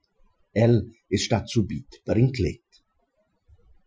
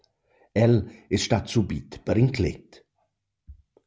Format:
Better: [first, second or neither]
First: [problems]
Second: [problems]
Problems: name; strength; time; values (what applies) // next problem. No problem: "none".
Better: second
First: noise reduction (classical method Wiener filter)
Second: none